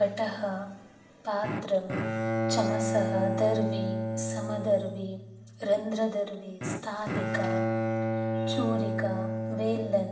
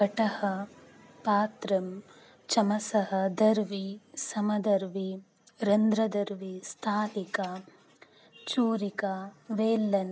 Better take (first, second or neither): second